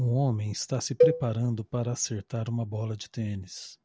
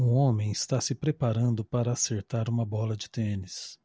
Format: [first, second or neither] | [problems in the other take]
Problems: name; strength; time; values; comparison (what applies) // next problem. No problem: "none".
second | background sound (Cowbell); 1 dB above the speech